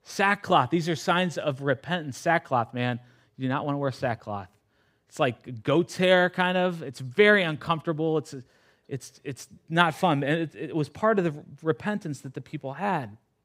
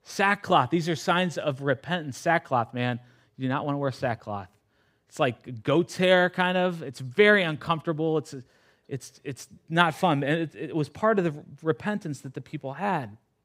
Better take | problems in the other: neither | none

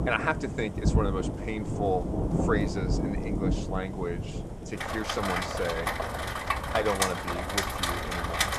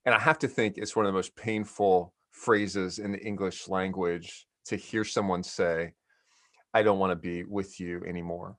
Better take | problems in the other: second | rain or running water; very loud; throughout; 3 dB above the speech

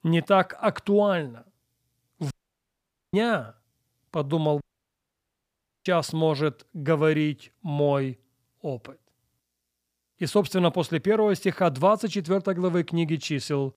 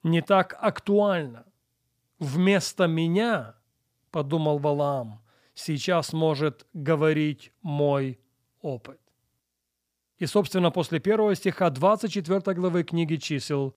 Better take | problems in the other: second | audio cutting out; at 2.5 s for 1 s and at 4.5 s for 1 s

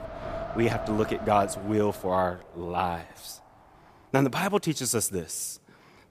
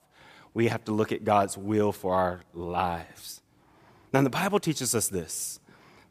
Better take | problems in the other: second | wind in the background; noticeable; throughout; 10 dB below the speech

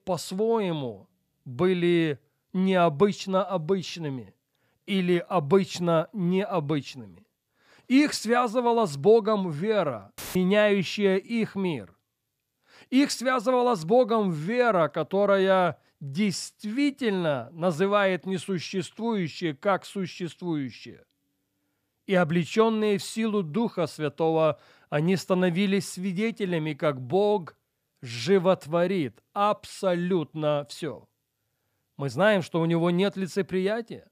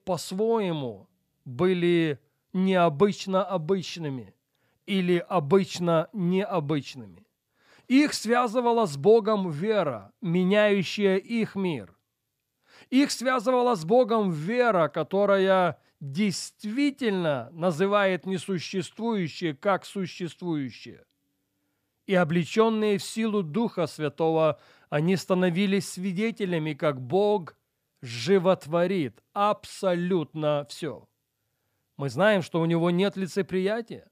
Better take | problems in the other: second | audio cutting out; filled with static; at 10 s

